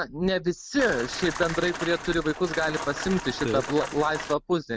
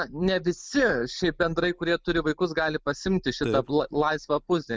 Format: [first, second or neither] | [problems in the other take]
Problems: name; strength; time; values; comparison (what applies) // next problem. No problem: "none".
second | background sound (Rain); 9 dB below the speech